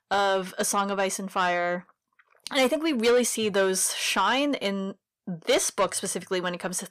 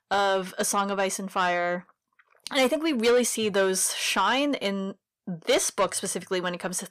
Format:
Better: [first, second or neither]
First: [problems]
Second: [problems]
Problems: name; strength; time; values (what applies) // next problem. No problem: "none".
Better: neither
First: distortion; slight; 10 dB below the speech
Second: distortion; slight; 10 dB below the speech